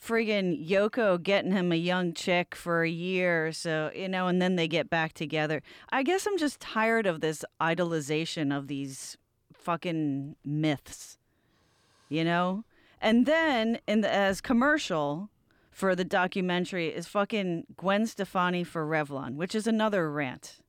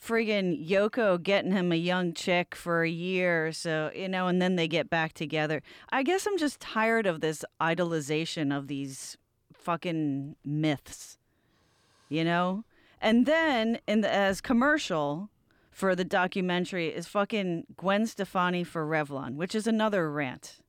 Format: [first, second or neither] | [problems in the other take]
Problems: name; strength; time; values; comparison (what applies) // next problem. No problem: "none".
neither | none